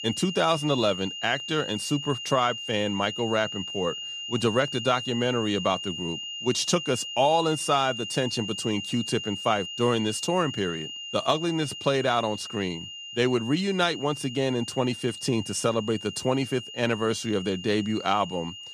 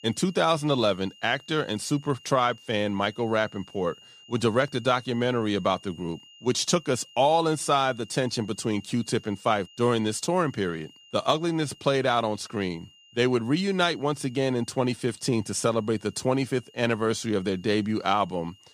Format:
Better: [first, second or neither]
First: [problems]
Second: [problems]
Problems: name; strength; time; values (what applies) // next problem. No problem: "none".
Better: second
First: high-pitched whine; loud; throughout; 3 kHz, 8 dB below the speech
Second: high-pitched whine; faint; throughout; 3 kHz, 25 dB below the speech